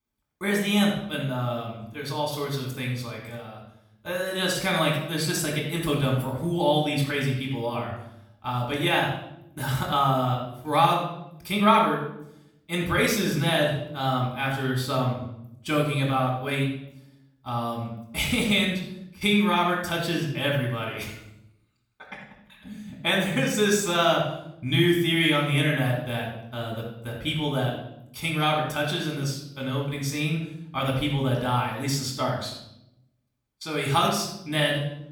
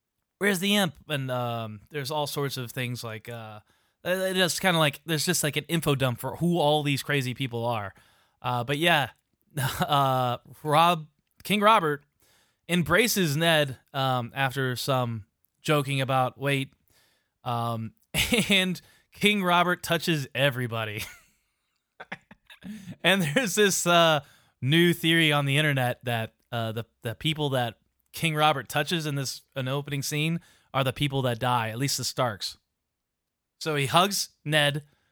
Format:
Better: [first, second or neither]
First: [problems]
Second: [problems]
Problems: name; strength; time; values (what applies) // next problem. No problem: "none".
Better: second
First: off-mic speech; far // room echo; noticeable; dies away in 0.7 s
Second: none